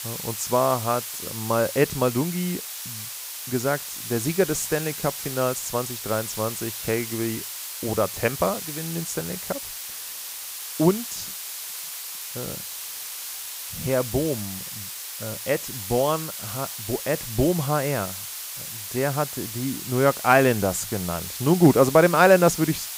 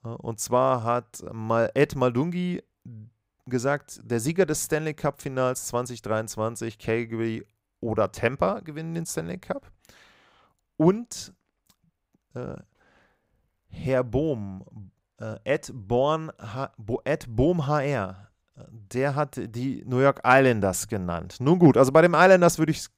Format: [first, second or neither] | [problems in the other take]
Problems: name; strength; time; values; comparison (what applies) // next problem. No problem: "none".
second | hiss; loud; throughout; 8 dB below the speech